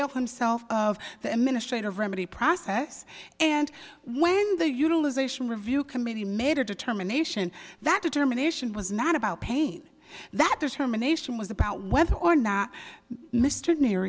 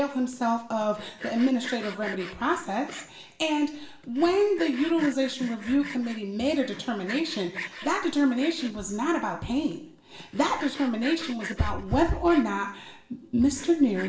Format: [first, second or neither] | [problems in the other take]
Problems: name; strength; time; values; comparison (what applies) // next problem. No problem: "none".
first | background sound (Sawing); 16 dB below the speech // room echo; dies away in 0.5 s